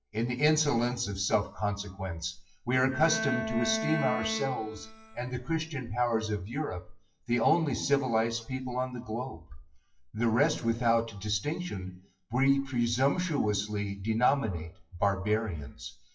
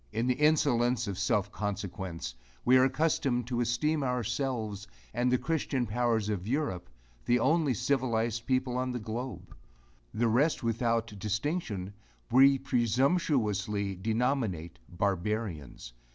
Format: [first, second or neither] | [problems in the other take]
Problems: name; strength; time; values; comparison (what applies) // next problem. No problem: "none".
second | noise reduction (classical method WPE with log-MMSE)